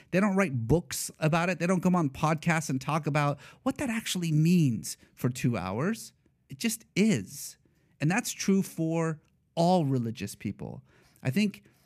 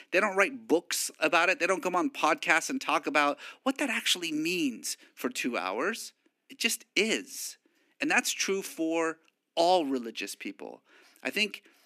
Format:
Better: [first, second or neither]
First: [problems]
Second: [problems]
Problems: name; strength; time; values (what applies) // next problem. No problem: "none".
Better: first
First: none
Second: thin; somewhat; fading below 250 Hz